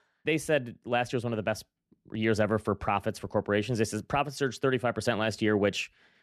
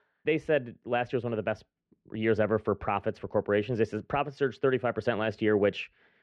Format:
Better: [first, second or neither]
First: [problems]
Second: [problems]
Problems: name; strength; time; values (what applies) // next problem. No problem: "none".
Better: first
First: none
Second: muffled; slightly; fading above 2.5 kHz